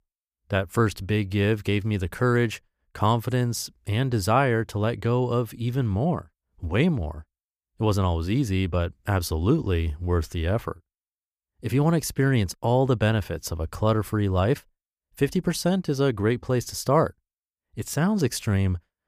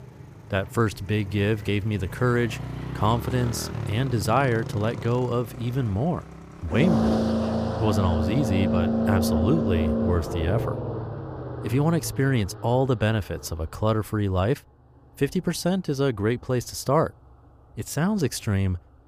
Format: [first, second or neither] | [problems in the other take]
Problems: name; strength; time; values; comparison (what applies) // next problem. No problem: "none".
first | traffic noise; loud; throughout; 3 dB below the speech